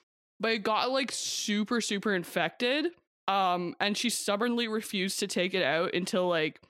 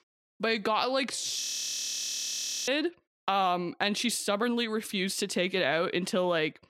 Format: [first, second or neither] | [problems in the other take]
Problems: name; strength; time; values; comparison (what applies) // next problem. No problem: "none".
first | audio freezing; at 1.5 s for 1.5 s